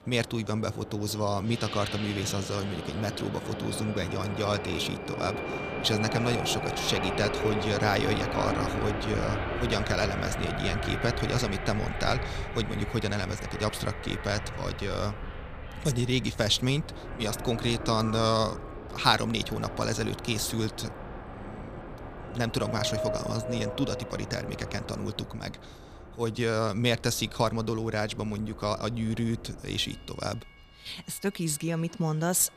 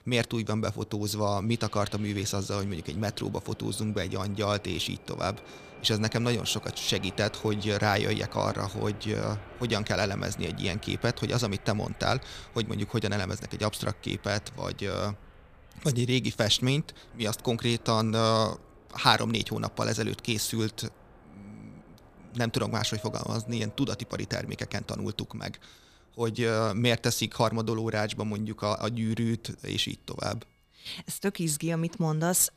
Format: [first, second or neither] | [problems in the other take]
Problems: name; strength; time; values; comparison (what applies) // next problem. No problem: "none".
second | train or aircraft noise; loud; throughout; 6 dB below the speech; faint in the second